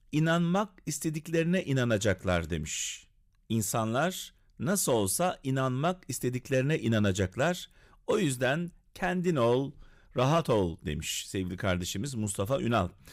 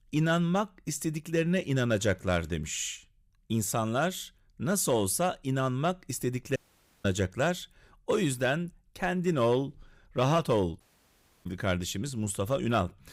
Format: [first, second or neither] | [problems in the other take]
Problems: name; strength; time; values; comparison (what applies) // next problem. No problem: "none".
first | audio cutting out; at 6.5 s and at 11 s for 0.5 s